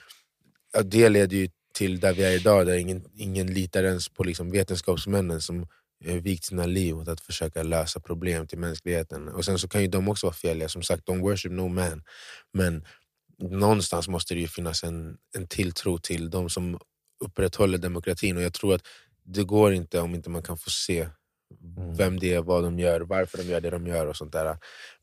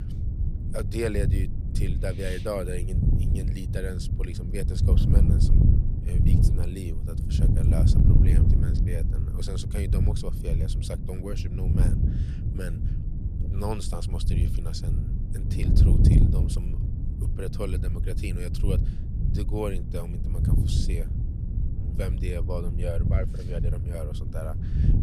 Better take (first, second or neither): first